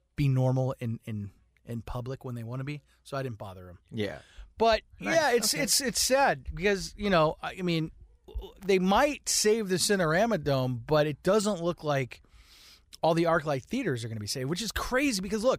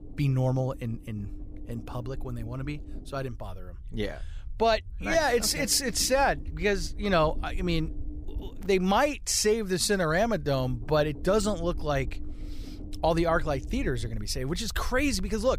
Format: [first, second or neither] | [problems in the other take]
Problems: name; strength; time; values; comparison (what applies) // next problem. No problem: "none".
first | low rumble; faint; throughout; 25 dB below the speech